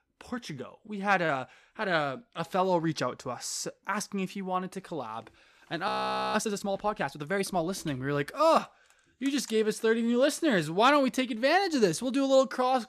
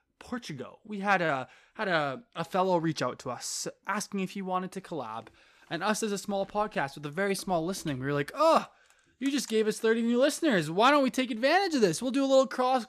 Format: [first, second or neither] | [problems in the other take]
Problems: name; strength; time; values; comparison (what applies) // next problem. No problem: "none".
second | audio freezing; at 6 s